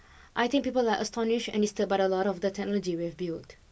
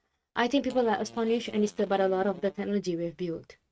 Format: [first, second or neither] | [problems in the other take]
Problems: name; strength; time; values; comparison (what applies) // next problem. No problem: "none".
first | noise reduction (neural mask model RNNoise)